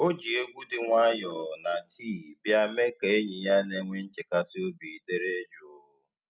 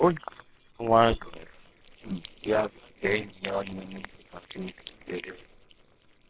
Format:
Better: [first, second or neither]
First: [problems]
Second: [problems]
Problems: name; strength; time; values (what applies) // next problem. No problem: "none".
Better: first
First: none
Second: noise reduction (neural separator model SepFormer WHAMR!)